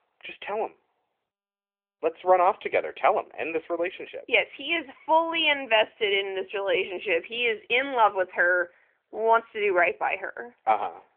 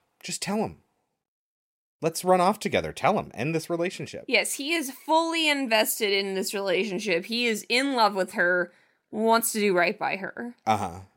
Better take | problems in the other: second | phone-call audio; nothing above 3 kHz

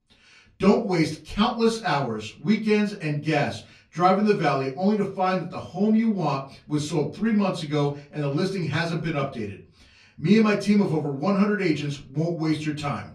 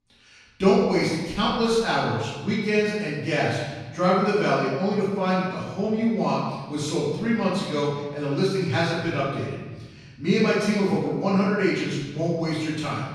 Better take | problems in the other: first | room echo; strong; dies away in 1.2 s; slight in the first // off-mic speech; far; far in the first

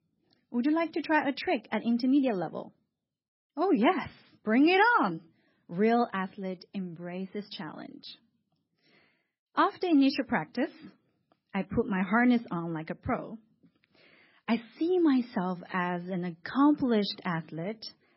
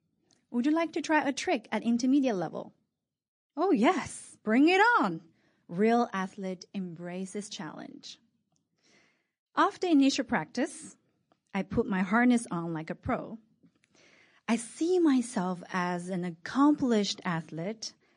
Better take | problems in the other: second | garbled, watery; badly; nothing above 5.5 kHz; slightly in the second

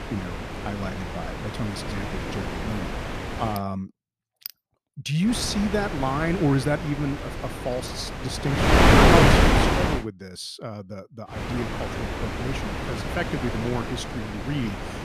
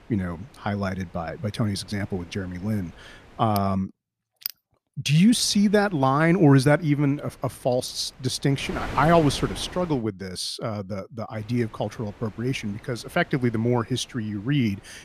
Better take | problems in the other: second | wind noise on the microphone; heavy; until 3.5 s, from 5.5 to 10 s and from 11 s on; 5 dB above the speech; occasional gusts in the second

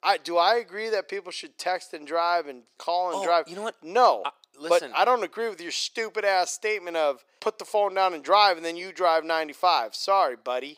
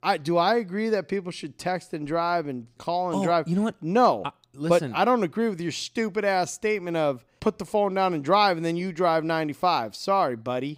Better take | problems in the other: second | thin; very; fading below 450 Hz

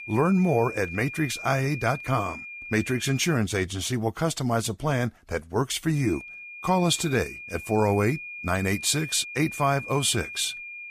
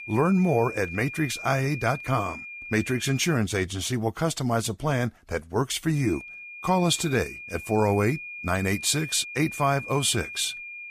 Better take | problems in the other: neither | high-pitched whine; noticeable; until 3.5 s and from 6 s on; 2.5 kHz, 10 dB below the speech; the same in both

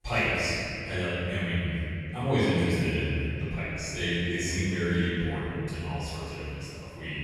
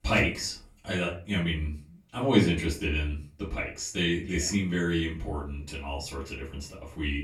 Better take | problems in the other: second | room echo; strong; dies away in 3 s; slight in the second // off-mic speech; far; far in the second

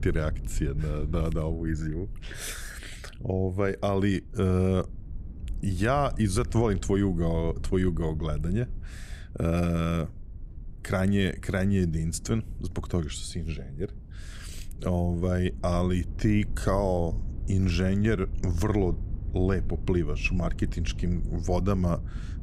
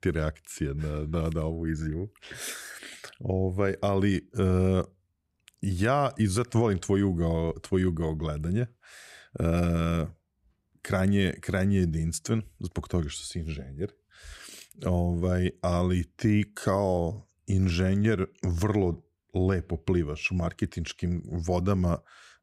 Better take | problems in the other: second | wind noise on the microphone; occasional gusts; 20 dB below the speech

